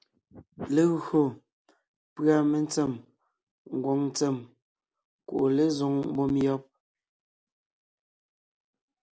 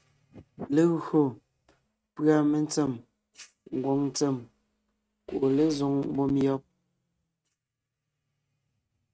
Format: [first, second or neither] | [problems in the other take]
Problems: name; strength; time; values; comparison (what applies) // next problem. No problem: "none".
first | noise reduction (neural mask model RNNoise)